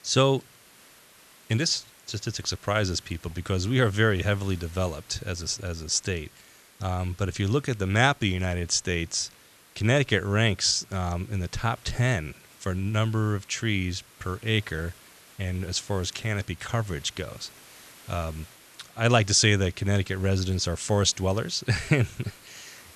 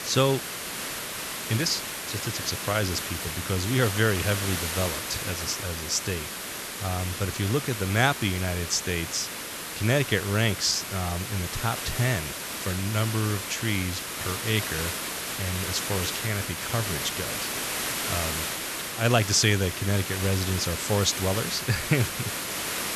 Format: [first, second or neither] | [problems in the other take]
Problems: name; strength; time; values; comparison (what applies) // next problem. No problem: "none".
first | hiss; loud; throughout; 3 dB below the speech; faint in the first